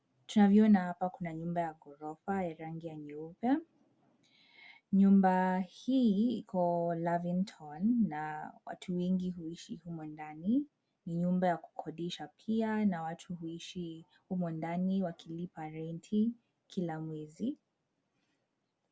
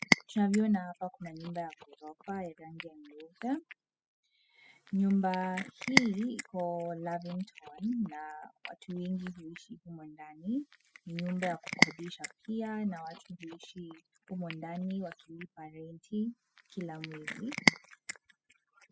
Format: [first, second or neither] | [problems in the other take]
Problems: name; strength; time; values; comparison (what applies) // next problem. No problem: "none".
first | noise reduction (classical method spectral subtraction)